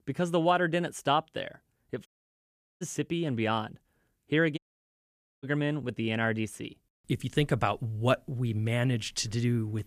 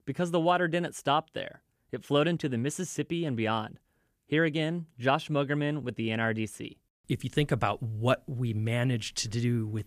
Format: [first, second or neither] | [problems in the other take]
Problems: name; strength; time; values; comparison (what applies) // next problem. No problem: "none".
second | audio cutting out; at 2 s for 0.5 s and at 4.5 s for 1 s